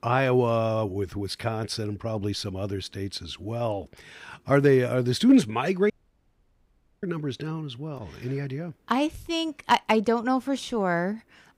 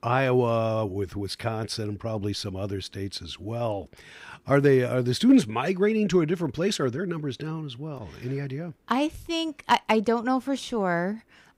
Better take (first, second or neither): second